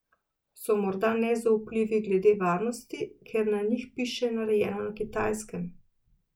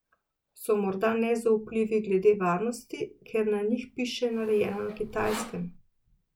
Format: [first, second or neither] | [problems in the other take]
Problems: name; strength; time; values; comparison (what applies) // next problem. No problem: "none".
first | background sound (Sawing); 16 dB below the speech